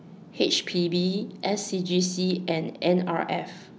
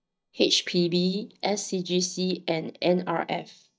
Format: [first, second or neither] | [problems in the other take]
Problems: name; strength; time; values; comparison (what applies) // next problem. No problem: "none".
first | noise reduction (neural mask model DeepFilterNet 3)